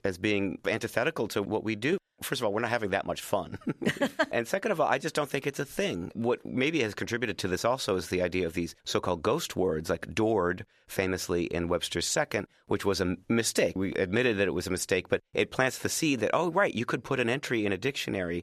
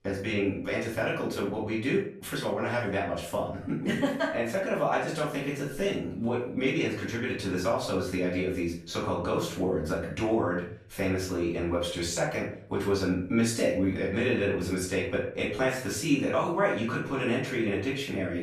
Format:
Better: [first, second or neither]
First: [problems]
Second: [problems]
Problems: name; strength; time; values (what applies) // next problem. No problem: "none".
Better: first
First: none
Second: room echo; noticeable; dies away in 0.4 s // off-mic speech; far